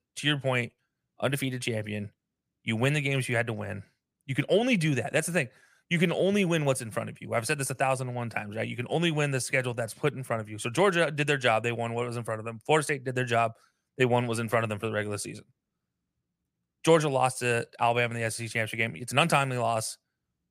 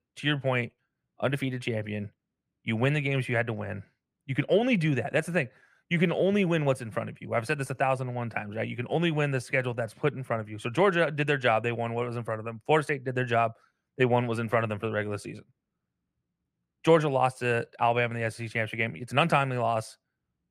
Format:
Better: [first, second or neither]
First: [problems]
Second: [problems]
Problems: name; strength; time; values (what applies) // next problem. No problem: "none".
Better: first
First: none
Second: muffled; slightly; fading above 4 kHz